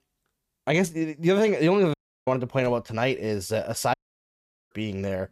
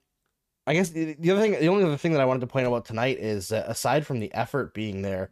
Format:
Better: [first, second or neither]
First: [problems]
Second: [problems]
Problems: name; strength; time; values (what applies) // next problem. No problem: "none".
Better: second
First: audio cutting out; at 2 s and at 4 s for 1 s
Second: none